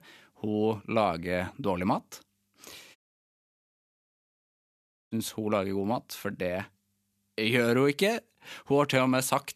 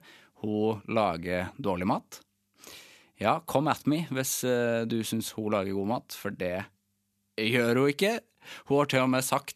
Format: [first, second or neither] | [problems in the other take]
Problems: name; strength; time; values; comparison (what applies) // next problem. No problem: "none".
second | audio cutting out; at 3 s for 2 s